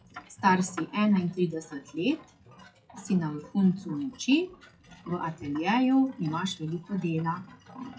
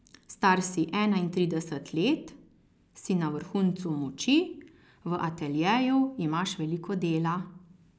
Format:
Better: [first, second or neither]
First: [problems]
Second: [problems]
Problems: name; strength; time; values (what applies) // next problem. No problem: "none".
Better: second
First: noise reduction (classical method WPE with log-MMSE)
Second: none